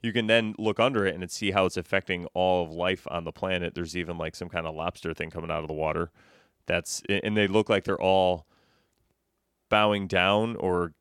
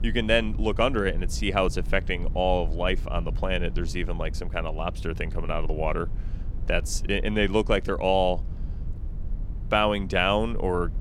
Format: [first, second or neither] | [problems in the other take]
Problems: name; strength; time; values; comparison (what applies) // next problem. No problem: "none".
first | low rumble; faint; throughout; 25 dB below the speech